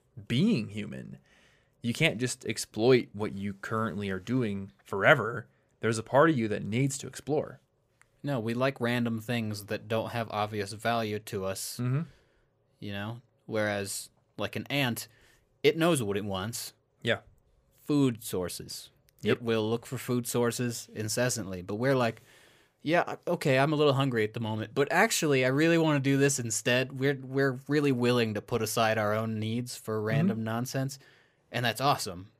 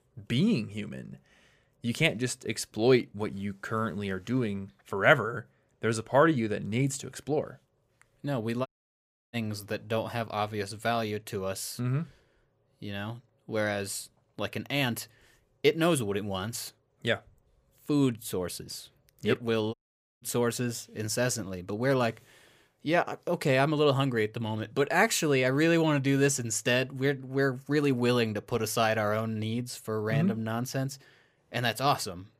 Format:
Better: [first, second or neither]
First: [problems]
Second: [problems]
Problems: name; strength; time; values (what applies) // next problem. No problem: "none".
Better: first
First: none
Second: audio cutting out; at 8.5 s for 0.5 s and at 20 s